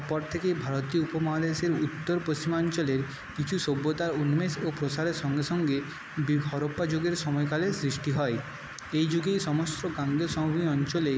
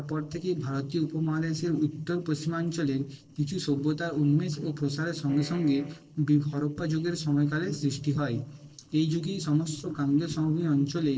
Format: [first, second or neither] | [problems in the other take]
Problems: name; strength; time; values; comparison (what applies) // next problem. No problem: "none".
first | noise reduction (neural separator model SepFormer DNS4)